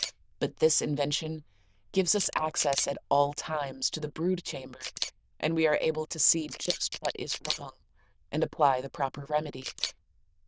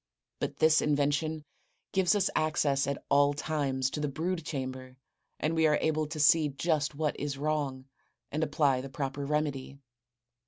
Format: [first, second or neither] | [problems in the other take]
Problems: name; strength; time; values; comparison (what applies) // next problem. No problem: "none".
second | noise reduction (neural diffusion model UNIVERSE++)